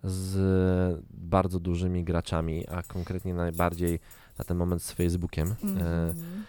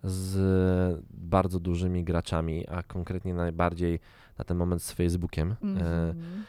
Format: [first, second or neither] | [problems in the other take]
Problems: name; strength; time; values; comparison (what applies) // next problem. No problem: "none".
second | jangling keys; faint; from 2 s on; peak 10 dB below the speech